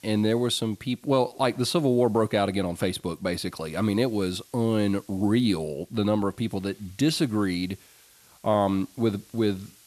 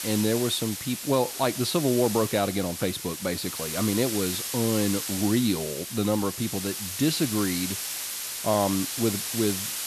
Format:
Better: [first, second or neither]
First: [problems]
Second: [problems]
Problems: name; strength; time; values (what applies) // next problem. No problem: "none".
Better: first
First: hiss; faint; throughout; 30 dB below the speech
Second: hiss; loud; throughout; 4 dB below the speech